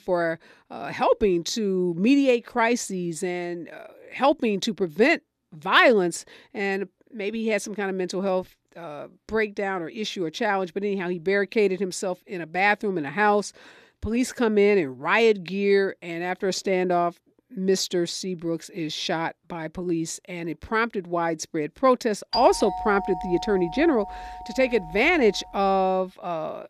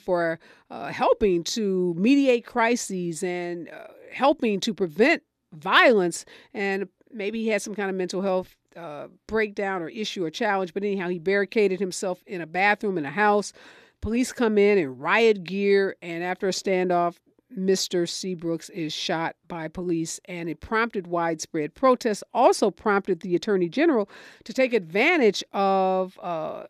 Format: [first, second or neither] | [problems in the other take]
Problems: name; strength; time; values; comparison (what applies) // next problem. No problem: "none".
second | doorbell; noticeable; from 22 to 25 s; peak 5 dB below the speech